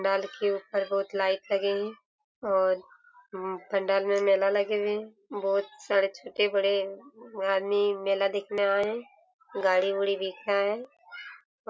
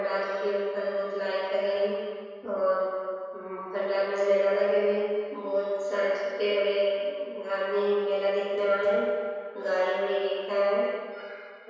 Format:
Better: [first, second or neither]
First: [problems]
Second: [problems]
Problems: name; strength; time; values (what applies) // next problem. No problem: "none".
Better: first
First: none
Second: room echo; dies away in 1.9 s